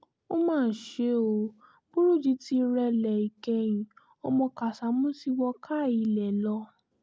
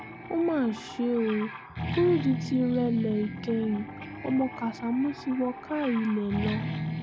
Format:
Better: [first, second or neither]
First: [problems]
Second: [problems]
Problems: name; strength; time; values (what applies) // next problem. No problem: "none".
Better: first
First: none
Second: background sound (Guitar); 8 dB below the speech